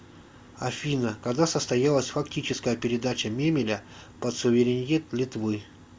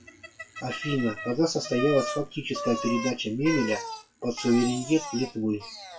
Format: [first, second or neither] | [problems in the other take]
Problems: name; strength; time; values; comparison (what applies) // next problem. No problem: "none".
first | noise reduction (classical method WPE with log-MMSE)